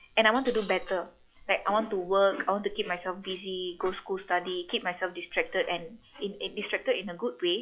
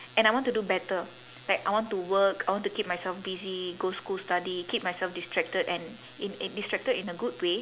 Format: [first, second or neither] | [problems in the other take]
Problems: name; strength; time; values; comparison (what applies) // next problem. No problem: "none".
second | noise reduction (classical method log-MMSE)